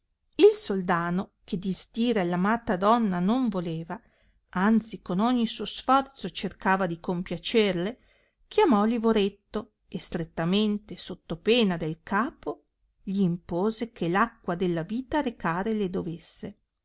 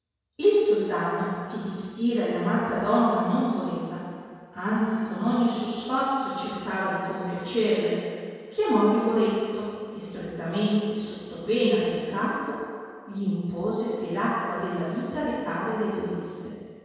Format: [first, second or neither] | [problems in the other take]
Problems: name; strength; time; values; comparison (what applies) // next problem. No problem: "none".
first | room echo; dies away in 1.9 s